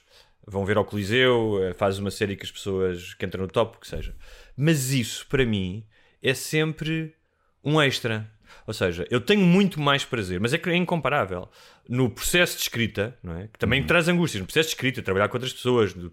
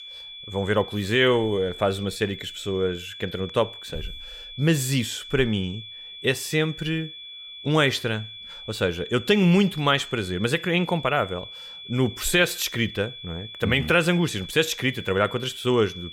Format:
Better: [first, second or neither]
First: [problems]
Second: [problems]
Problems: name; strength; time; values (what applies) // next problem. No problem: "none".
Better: first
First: none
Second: high-pitched whine; noticeable; throughout; 3.5 kHz, 15 dB below the speech